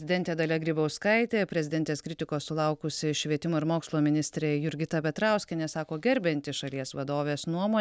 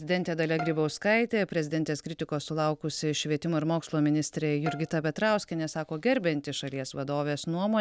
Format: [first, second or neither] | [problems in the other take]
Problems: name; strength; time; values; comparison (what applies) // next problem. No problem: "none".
first | background sound (Bowed string instrument); 18 dB below the speech